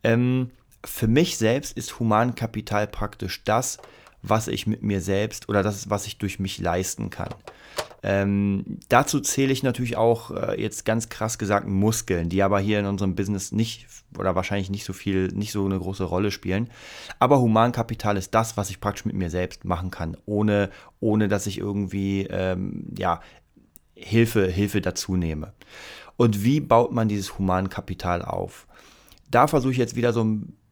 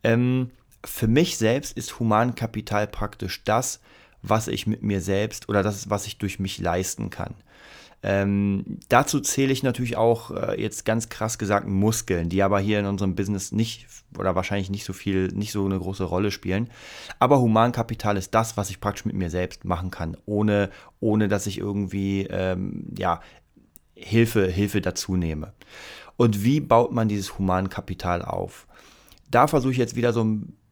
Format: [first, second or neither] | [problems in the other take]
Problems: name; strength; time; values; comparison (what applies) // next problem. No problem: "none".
second | phone ringing; noticeable; from 4 to 8 s; peak 9 dB below the speech